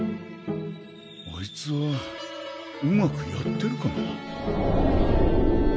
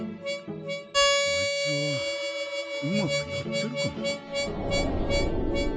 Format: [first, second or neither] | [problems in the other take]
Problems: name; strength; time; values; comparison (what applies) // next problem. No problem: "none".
first | background sound (Harmonica); 2 dB above the speech